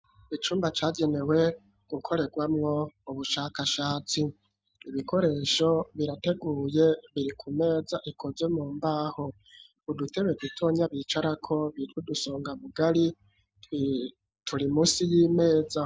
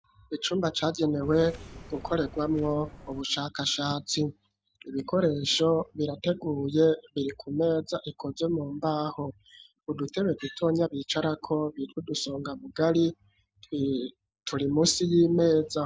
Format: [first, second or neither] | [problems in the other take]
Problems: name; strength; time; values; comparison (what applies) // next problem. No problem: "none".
first | background sound (Subway, metro, underground); 16 dB below the speech